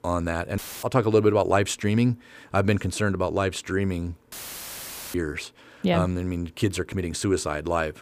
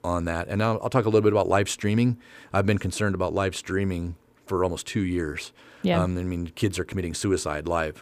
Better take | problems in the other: second | audio cutting out; filled with static; at 0.5 s and at 4.5 s for 1 s

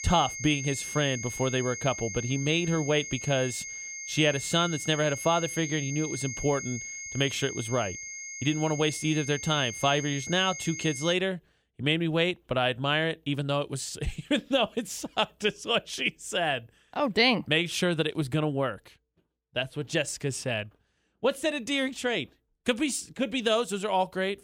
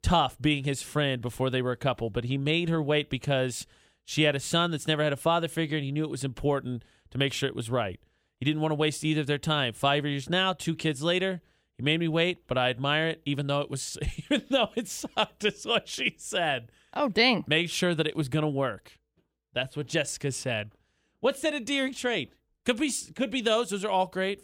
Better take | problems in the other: second | high-pitched whine; loud; until 11 s; 2 kHz, 8 dB below the speech

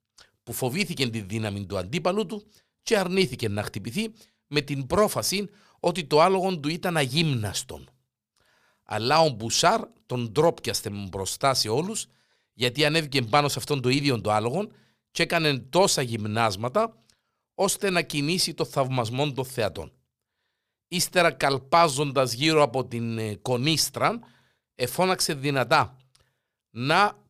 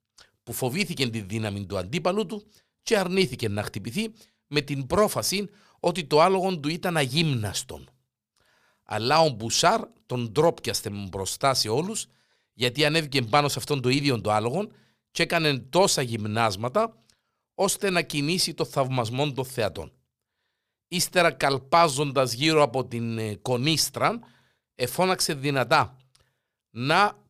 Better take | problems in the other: neither | none

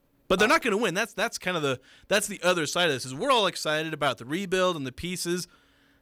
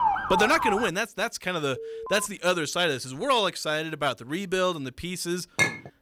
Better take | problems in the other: first | siren; loud; at the start; peak 2 dB above the speech // alarm; faint; at 2 s; peak 10 dB below the speech // clattering dishes; loud; at 5.5 s; peak 2 dB above the speech

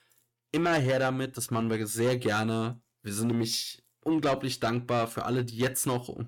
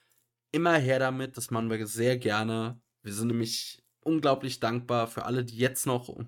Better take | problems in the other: second | distortion; slight; 10 dB below the speech

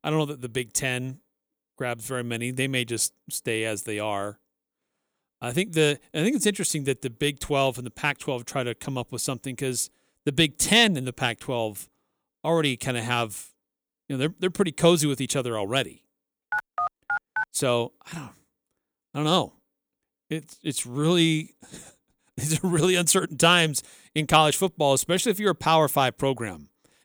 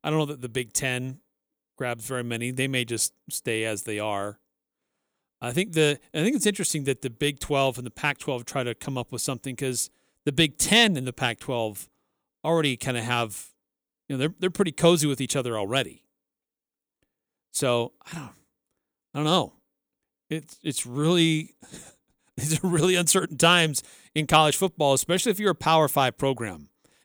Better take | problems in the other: second | phone ringing; noticeable; at 17 s; peak 3 dB below the speech

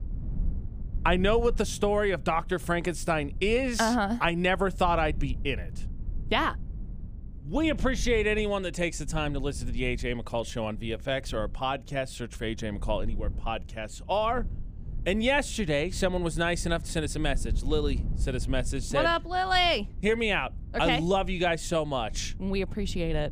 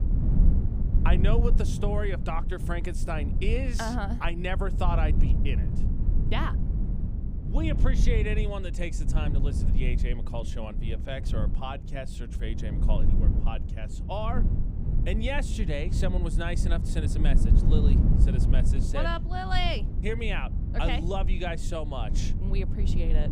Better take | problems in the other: first | low rumble; loud; throughout; 7 dB below the speech; faint in the first

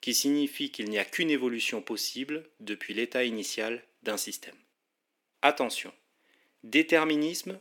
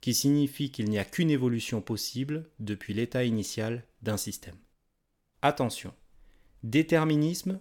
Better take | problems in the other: second | thin; very slightly; fading below 300 Hz

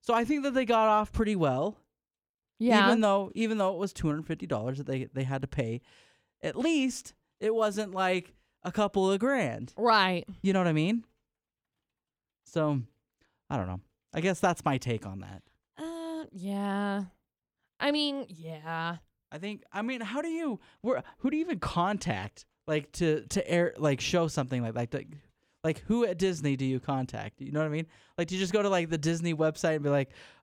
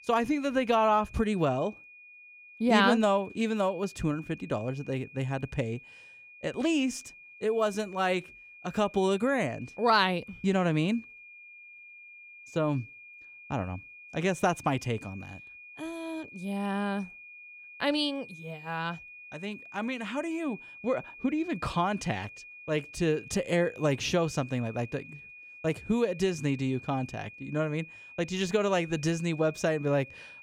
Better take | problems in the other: first | high-pitched whine; noticeable; throughout; 2.5 kHz, 15 dB below the speech

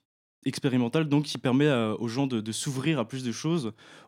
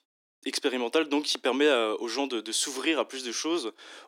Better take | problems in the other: first | thin; somewhat; fading below 300 Hz

